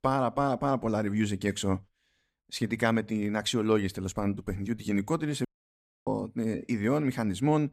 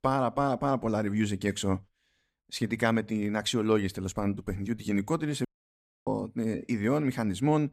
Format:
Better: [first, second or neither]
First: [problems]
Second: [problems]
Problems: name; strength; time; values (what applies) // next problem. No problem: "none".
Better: neither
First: audio cutting out; at 5.5 s for 0.5 s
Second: audio cutting out; at 5.5 s for 0.5 s